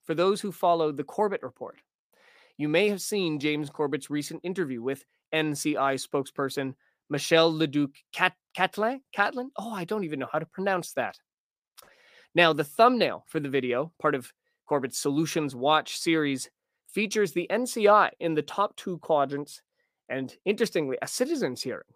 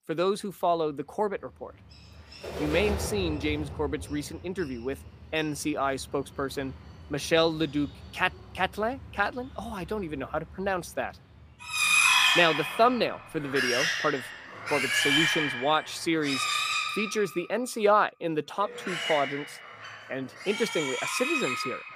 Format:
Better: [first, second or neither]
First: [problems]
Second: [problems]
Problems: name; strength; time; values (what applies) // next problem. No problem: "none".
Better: first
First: none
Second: animal sounds; very loud; throughout; 2 dB above the speech